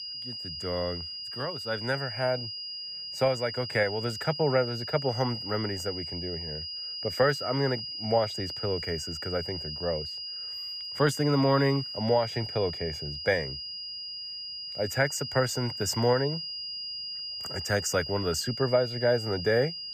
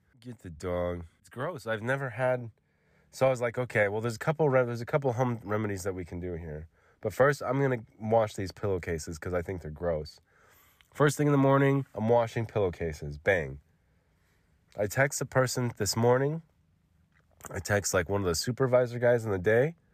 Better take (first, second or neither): second